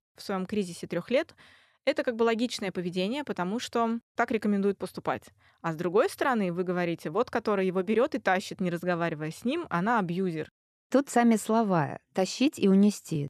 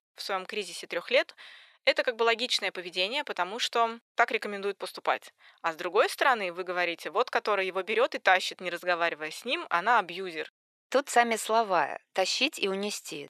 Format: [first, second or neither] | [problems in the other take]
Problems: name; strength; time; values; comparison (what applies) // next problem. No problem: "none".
first | thin; very; fading below 650 Hz